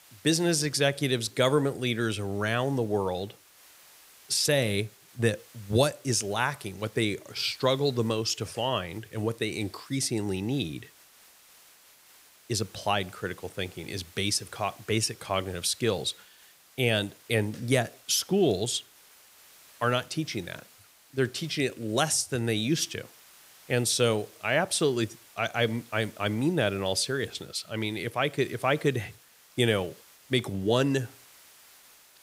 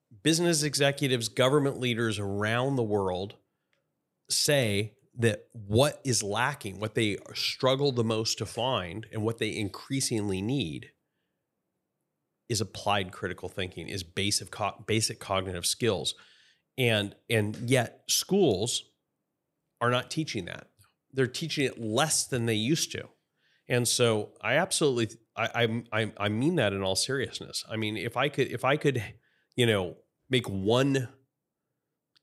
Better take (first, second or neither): second